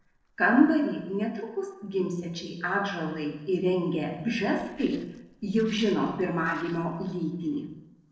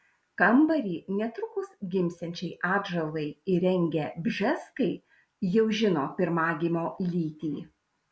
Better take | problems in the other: second | noise reduction (neural separator model SepFormer DNS4)

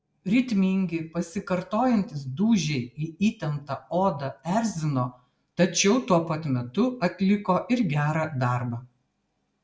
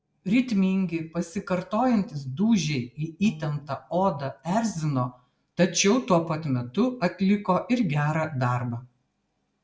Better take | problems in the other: first | background sound (Piano); 17 dB below the speech

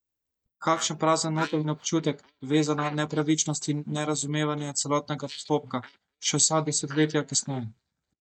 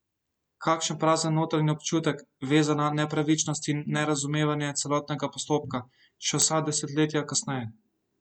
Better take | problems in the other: second | noise reduction (neural mask model DeepFilterNet 3)

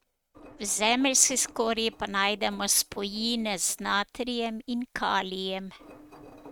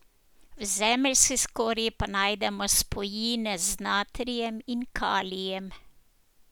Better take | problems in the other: second | noise reduction (neural mask model RNNoise)

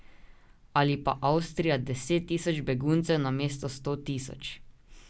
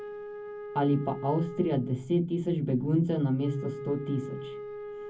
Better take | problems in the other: first | background sound (Wind instrument, woodwind instrument); 12 dB below the speech // room echo; dies away in 0.3 s

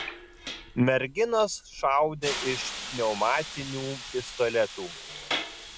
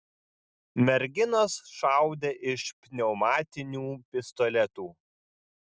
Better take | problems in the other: second | background sound (Hiss); 9 dB below the speech

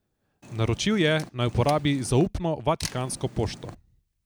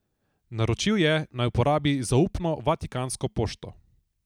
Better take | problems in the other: second | background sound (Camera + Purr); 16 dB below the speech

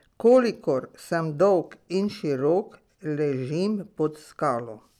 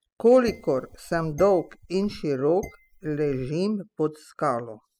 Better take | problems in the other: first | noise reduction (classical method spectral subtraction)

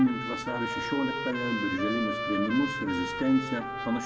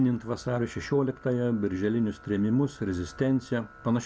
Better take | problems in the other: second | background sound (Trumpet); 5 dB below the speech // room echo; dies away in 1.2 s

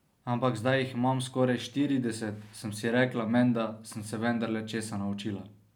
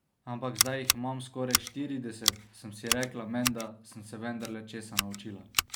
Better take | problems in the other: first | background sound (Scissors); 3 dB above the speech

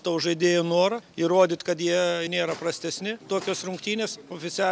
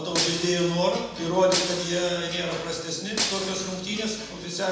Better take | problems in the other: first | background sound (Shatter); 6 dB below the speech // room echo; dies away in 1 s

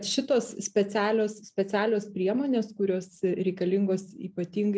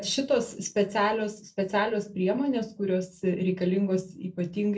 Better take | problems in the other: first | room echo; dies away in 0.2 s

